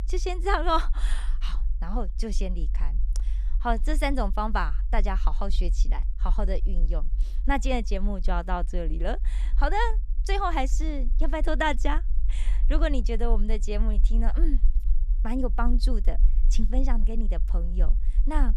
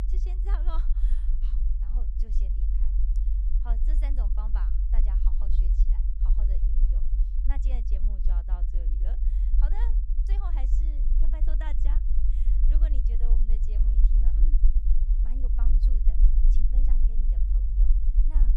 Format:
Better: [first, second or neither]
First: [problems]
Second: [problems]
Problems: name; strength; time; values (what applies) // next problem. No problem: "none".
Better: first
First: low rumble; faint; throughout; 25 dB below the speech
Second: low rumble; loud; throughout; 2 dB below the speech